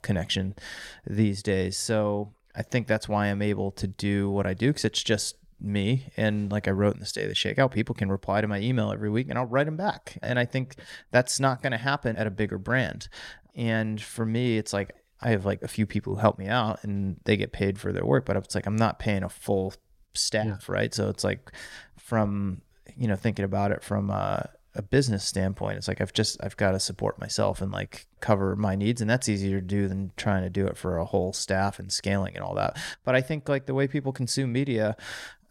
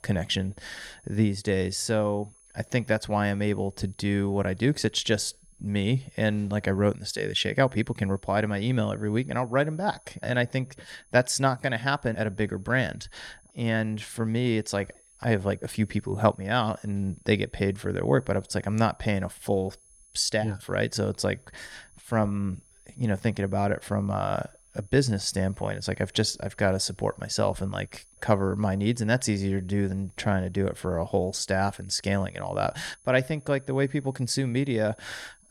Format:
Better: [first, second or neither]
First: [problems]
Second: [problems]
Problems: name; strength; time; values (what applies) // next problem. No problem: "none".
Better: first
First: none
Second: high-pitched whine; faint; throughout; 10 kHz, 30 dB below the speech